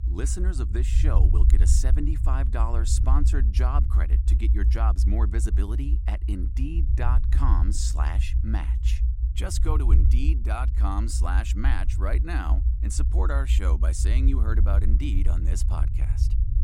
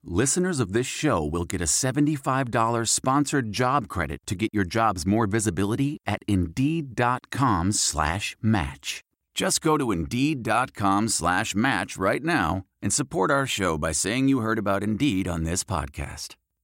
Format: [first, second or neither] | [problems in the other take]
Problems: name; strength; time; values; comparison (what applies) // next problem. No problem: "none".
second | low rumble; loud; throughout; 8 dB below the speech